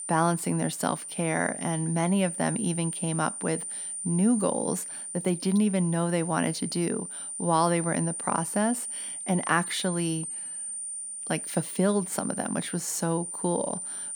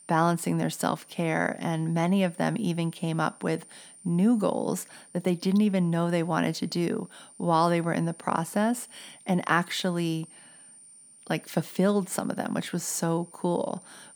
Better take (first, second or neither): second